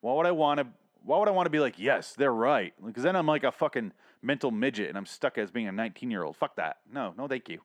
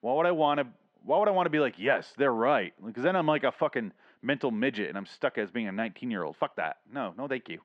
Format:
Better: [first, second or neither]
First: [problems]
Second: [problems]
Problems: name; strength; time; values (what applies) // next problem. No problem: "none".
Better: first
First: none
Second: muffled; very slightly; fading above 3 kHz